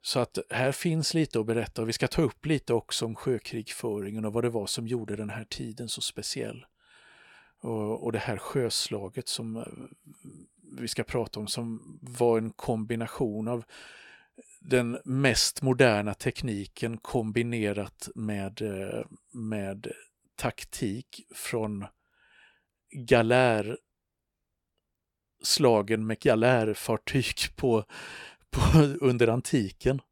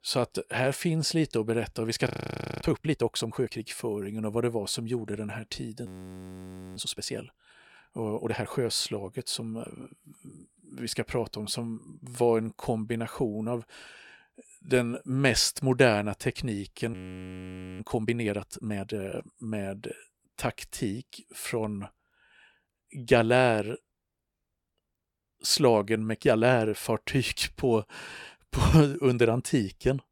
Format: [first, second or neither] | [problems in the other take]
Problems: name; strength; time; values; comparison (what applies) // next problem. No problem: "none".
first | audio freezing; at 2 s for 0.5 s, at 6 s for 1 s and at 17 s for 1 s